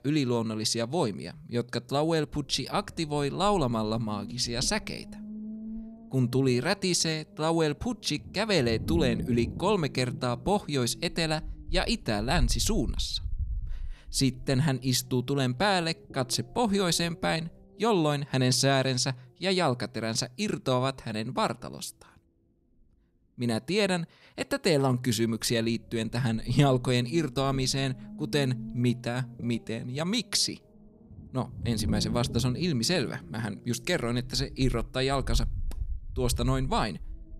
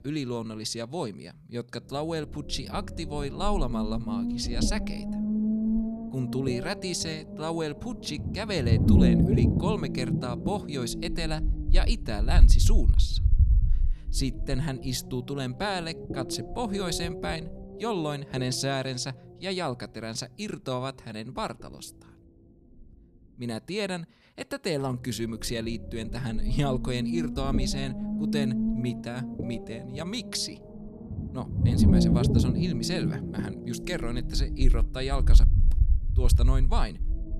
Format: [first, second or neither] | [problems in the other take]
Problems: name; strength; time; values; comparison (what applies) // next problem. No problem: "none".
first | low rumble; loud; throughout; 4 dB below the speech; faint in the first